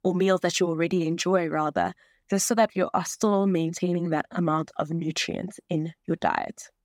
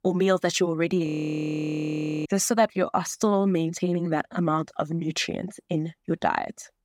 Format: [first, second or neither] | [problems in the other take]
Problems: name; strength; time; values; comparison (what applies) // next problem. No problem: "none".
first | audio freezing; at 1 s for 1 s